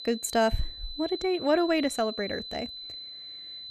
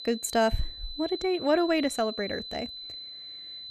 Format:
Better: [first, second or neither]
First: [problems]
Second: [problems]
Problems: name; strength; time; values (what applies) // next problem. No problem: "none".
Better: neither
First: high-pitched whine; loud; throughout; 4 kHz, 10 dB below the speech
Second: high-pitched whine; loud; throughout; 4 kHz, 10 dB below the speech